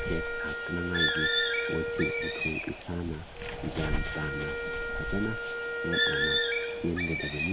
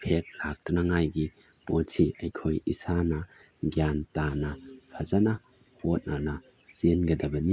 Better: second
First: background sound (Wind instrument, woodwind instrument + Bird); 4 dB above the speech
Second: none

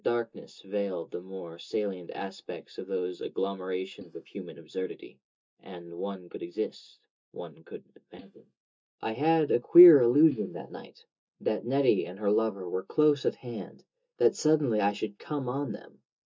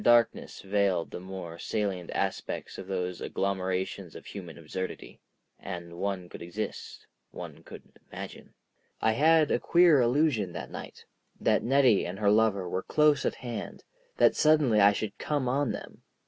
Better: second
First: noise reduction (neural mask model DeepFilterNet 3)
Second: none

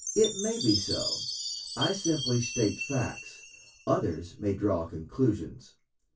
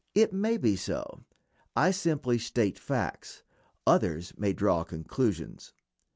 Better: second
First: background sound (Chime); 7 dB below the speech // room echo; dies away in 0.2 s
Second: none

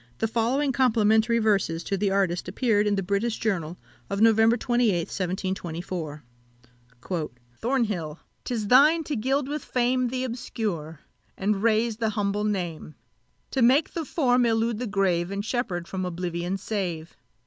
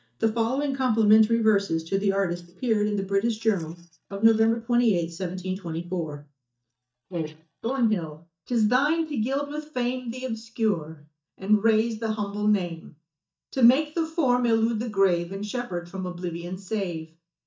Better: first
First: none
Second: noise reduction (neural mask model DeepFilterNet 3)

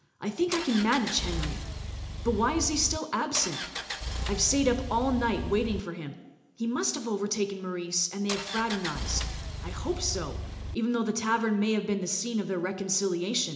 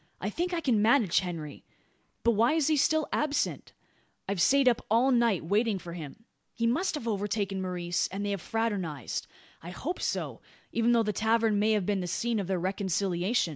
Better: second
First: background sound (Engine); 5 dB below the speech // room echo; dies away in 0.8 s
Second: none

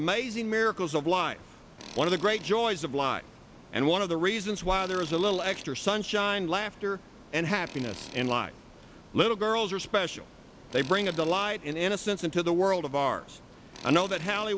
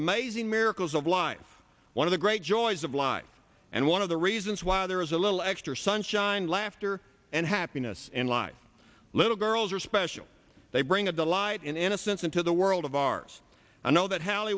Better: second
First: background sound (Tools + Ocean); 19 dB below the speech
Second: none

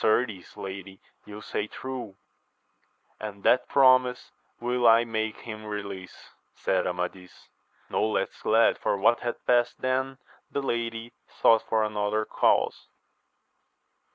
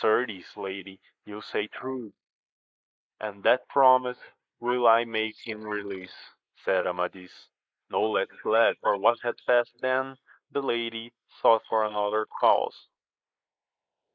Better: first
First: none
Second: noise reduction (neural mask model Resemble Enhance denoiser)

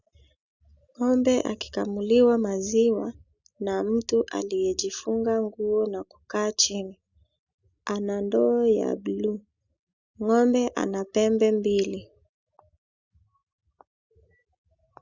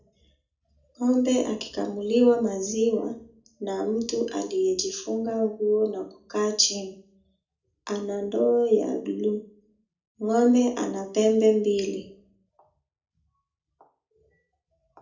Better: first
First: none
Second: room echo; dies away in 0.4 s

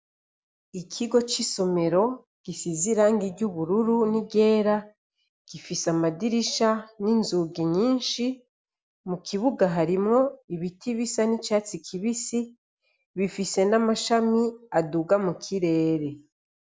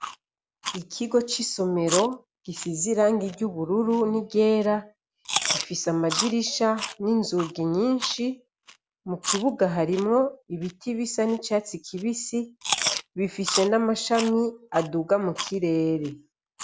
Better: first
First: none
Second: background sound (Chewing, mastication); 9 dB below the speech

